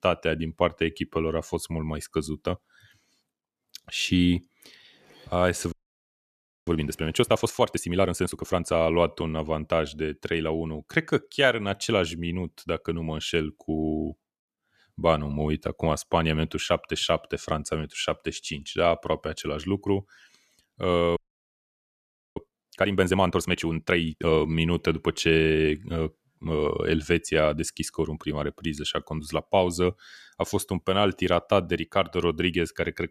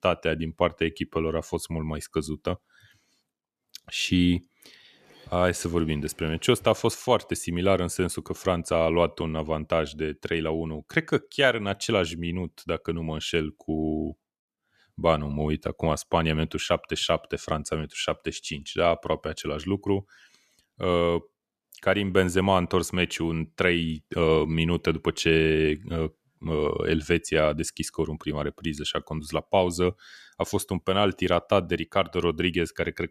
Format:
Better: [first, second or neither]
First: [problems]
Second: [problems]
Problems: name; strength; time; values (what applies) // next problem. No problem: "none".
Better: second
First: audio freezing; at 5.5 s for 1 s and at 21 s for 1 s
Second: none